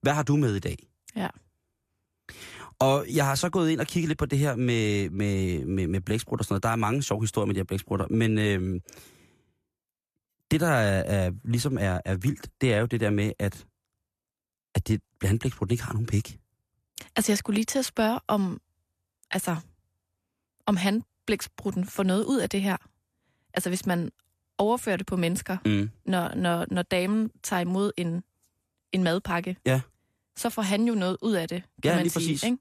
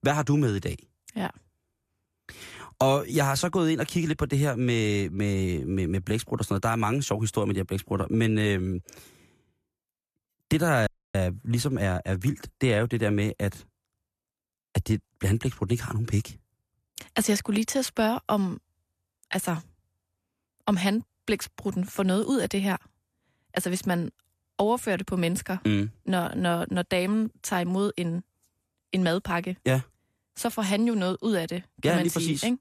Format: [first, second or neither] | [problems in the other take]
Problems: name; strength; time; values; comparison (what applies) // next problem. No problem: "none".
first | audio cutting out; at 11 s